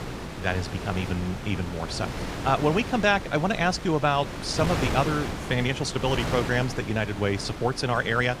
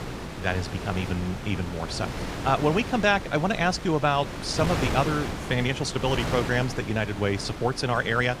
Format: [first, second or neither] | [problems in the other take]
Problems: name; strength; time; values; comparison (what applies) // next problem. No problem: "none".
neither | wind noise on the microphone; heavy; 8 dB below the speech; the same in both